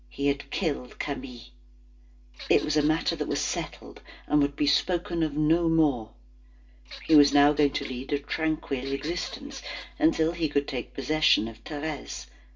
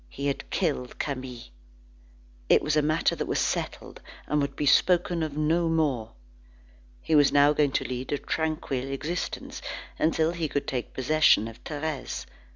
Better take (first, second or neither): second